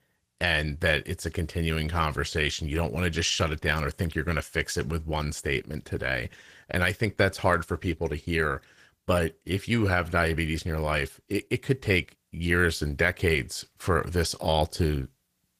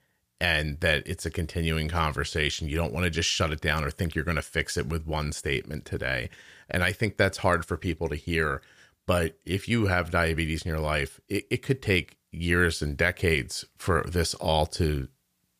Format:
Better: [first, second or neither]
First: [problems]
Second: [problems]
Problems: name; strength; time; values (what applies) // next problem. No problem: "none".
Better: second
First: garbled, watery; slightly; nothing above 15 kHz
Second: none